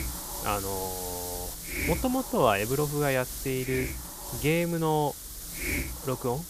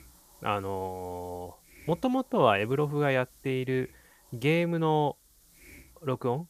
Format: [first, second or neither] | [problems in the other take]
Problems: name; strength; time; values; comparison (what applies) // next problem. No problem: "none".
second | hiss; loud; throughout; 5 dB below the speech; faint in the second